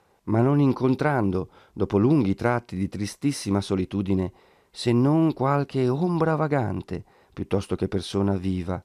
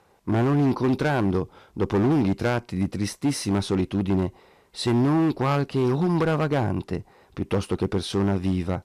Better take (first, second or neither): first